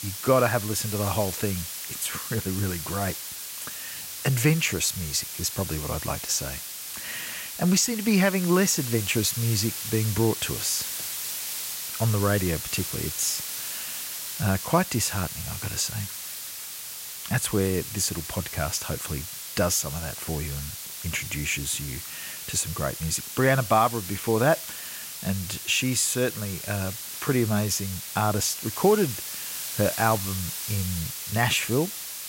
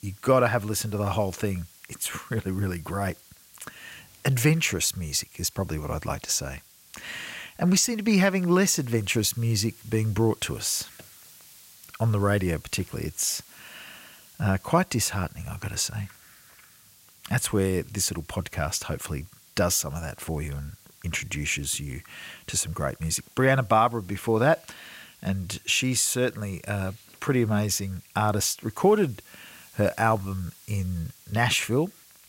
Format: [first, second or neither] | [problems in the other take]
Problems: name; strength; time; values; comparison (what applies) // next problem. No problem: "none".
second | hiss; loud; throughout; 6 dB below the speech; faint in the second